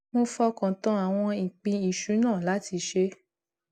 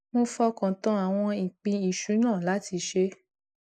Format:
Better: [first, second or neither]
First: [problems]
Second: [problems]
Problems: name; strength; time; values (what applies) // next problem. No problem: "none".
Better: first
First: none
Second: noise reduction (neural mask model Resemble Enhance denoiser)